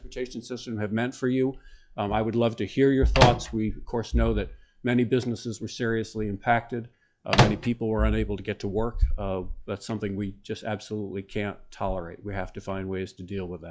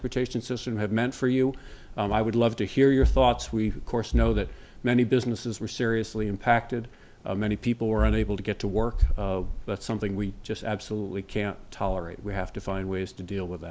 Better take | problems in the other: second | noise reduction (classical method log-MMSE)

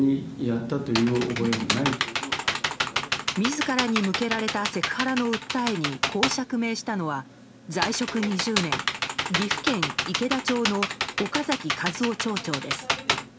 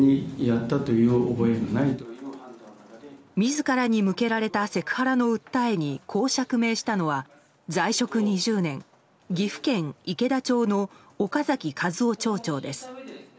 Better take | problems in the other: second | background sound (Computer keyboard); 2 dB below the speech

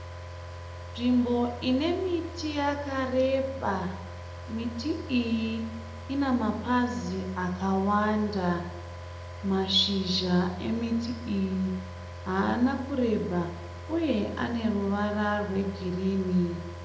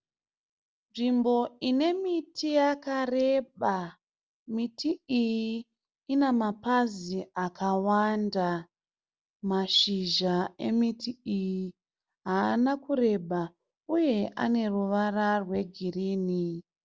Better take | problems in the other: second | background sound (Car); 11 dB below the speech // room echo; dies away in 0.8 s

